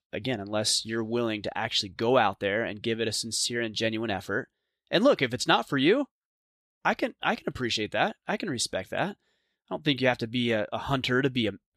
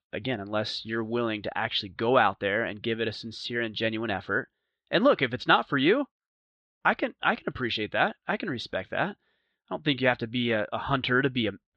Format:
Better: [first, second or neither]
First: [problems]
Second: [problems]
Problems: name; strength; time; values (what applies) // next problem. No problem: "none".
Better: first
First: none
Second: muffled; slightly; fading above 3.5 kHz